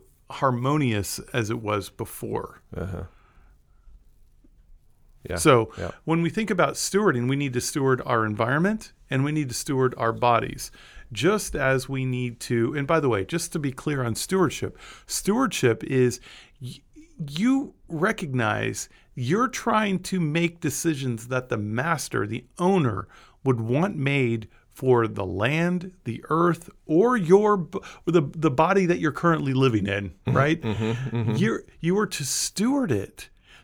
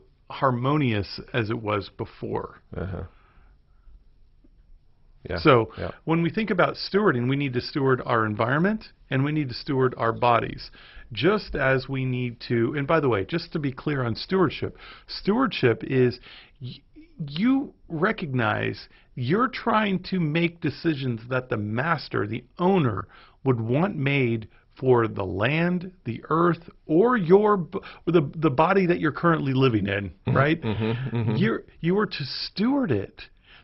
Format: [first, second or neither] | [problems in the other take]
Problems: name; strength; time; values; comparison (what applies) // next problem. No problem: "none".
first | garbled, watery; badly; nothing above 5.5 kHz